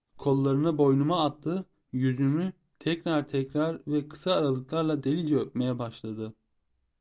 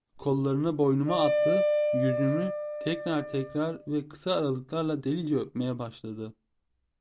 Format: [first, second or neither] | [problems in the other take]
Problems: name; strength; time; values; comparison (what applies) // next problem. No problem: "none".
first | background sound (Wind instrument, woodwind instrument); as loud as the speech